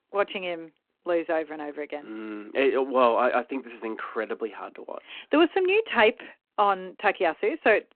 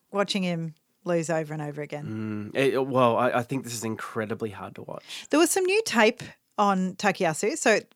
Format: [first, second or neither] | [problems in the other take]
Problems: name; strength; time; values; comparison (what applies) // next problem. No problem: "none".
second | phone-call audio